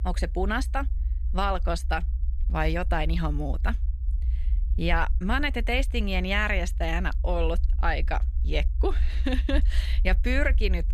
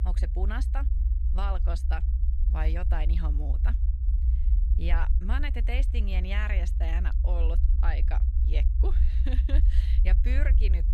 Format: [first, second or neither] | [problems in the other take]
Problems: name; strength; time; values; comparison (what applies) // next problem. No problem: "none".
first | low rumble; loud; throughout; 8 dB below the speech; faint in the first